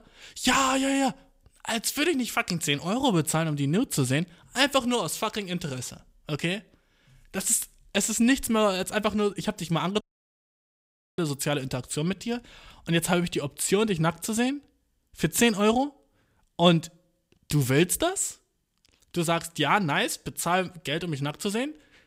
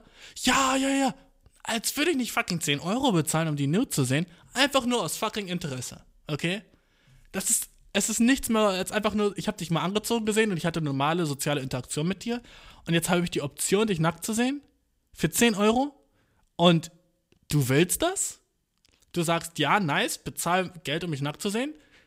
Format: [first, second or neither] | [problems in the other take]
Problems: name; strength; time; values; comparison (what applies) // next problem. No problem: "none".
second | audio cutting out; at 10 s for 1 s